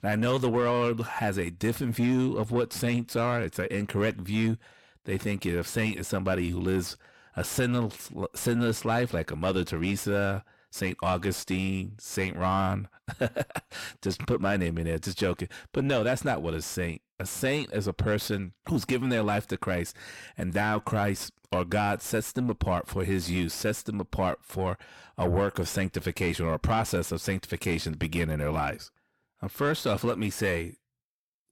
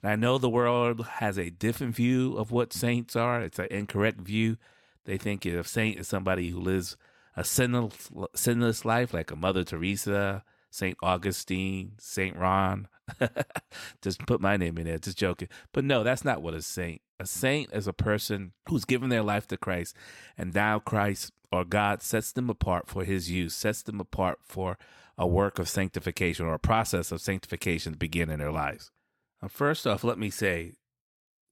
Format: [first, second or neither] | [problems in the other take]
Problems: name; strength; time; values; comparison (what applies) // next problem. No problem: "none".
second | distortion; slight; 10 dB below the speech